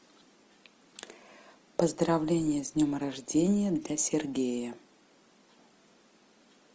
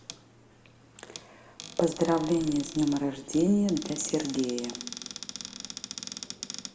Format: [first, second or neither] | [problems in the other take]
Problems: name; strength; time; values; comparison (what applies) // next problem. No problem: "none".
first | background sound (Cupboard open or close); 12 dB below the speech // room echo; dies away in 1.2 s